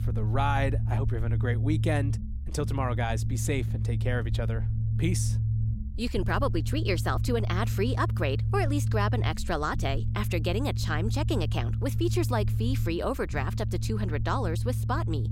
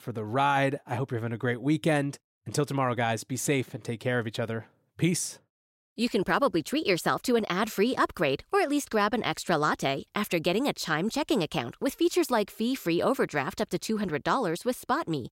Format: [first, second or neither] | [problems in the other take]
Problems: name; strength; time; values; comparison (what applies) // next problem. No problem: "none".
second | low rumble; noticeable; throughout; 10 dB below the speech